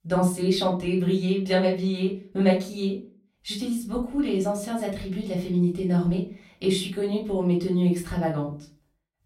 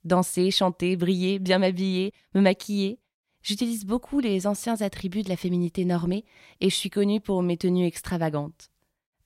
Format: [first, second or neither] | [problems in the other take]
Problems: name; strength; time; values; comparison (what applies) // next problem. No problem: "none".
second | off-mic speech; far // room echo; slight; dies away in 0.3 s